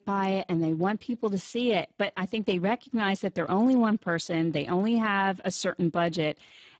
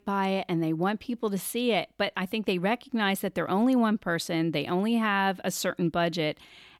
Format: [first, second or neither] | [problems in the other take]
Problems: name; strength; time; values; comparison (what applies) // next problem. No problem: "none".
second | garbled, watery; badly; nothing above 7.5 kHz